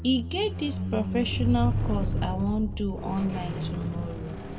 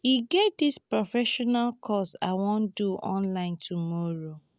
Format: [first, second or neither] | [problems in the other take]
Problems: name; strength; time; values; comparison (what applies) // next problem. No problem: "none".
second | background sound (Squeak); as loud as the speech // room echo; dies away in 0.7 s